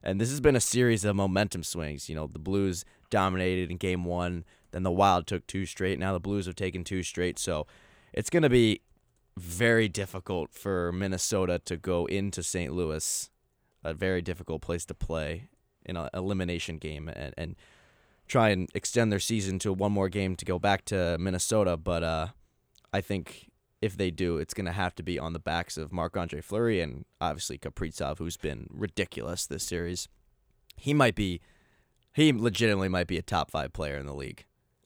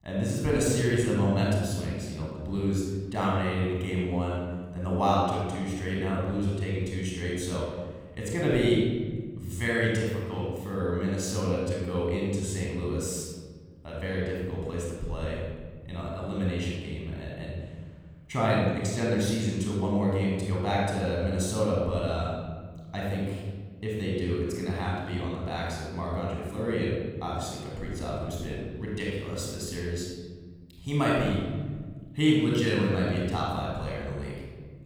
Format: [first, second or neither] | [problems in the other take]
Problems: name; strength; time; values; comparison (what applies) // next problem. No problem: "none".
first | off-mic speech; far // room echo; strong; dies away in 1.8 s